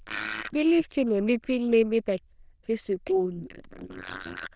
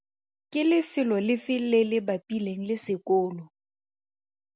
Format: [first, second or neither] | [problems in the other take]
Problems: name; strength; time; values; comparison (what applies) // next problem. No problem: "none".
second | noise reduction (neural diffusion model UNIVERSE++)